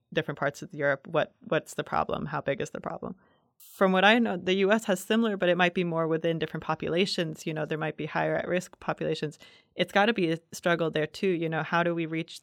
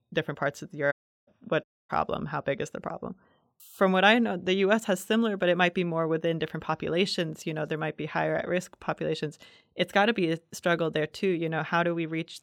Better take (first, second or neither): first